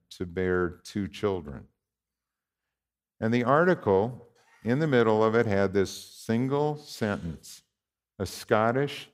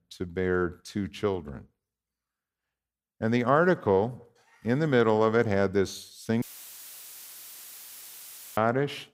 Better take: first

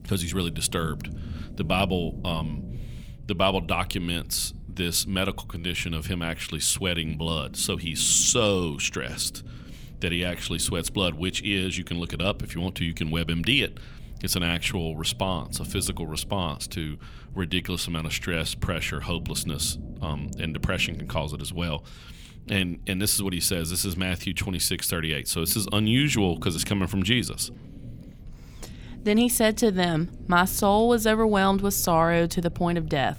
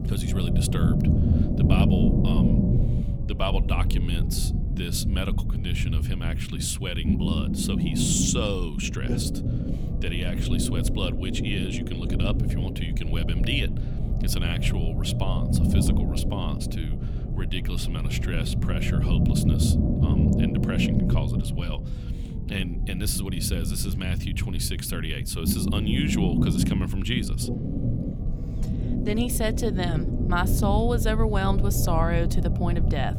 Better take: first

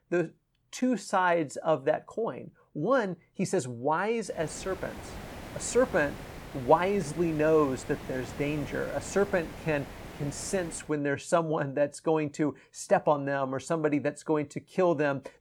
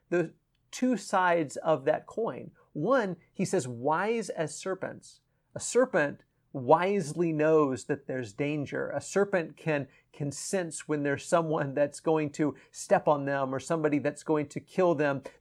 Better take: second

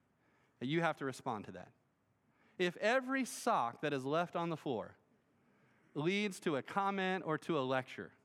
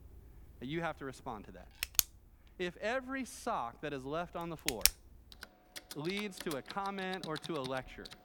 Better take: first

